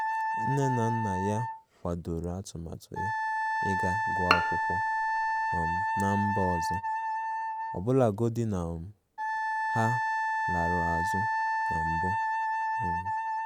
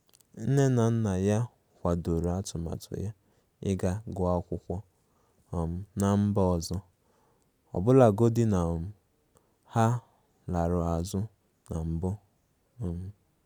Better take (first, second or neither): second